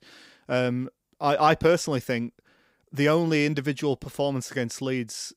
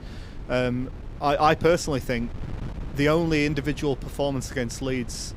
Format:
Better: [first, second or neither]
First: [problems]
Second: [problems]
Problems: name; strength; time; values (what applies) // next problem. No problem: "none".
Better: first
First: none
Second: wind noise on the microphone; occasional gusts; 20 dB below the speech